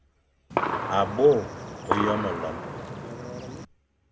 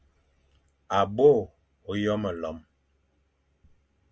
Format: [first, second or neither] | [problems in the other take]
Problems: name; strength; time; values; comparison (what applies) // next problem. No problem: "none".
second | background sound (Gunshot, gunfire); 2 dB below the speech